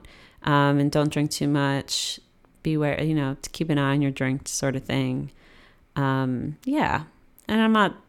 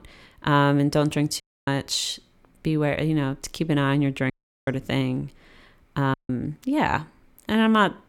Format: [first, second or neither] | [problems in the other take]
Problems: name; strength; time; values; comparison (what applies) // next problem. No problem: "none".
first | audio cutting out; at 1.5 s, at 4.5 s and at 6 s